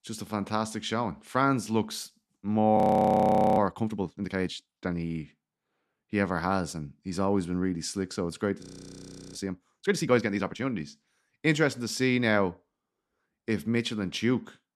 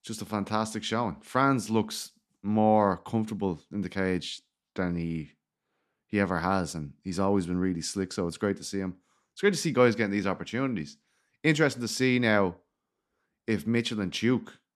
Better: second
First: audio freezing; at 3 s for 1 s and at 8.5 s for 0.5 s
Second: none

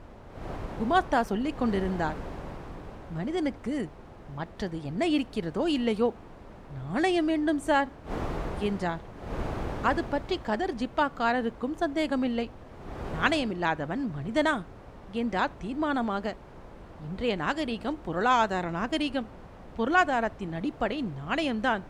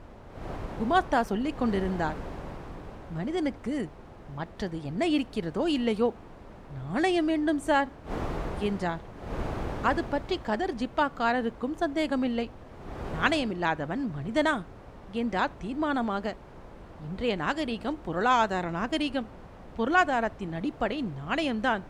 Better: neither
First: wind noise on the microphone; occasional gusts; 15 dB below the speech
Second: wind noise on the microphone; occasional gusts; 15 dB below the speech

